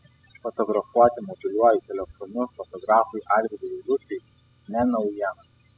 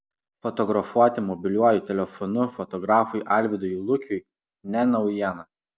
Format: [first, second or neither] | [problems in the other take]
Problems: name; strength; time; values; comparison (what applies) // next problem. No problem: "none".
second | noise reduction (classical method spectral subtraction)